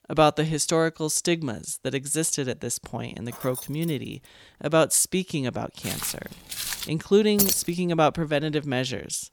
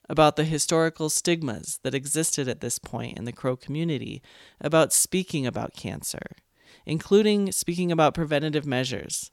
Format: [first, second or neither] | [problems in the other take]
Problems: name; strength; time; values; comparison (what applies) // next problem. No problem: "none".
second | jangling keys; faint; at 3.5 s; peak 10 dB below the speech // footsteps; noticeable; from 6 to 7 s; peak 4 dB below the speech // jangling keys; loud; at 7.5 s; peak 3 dB above the speech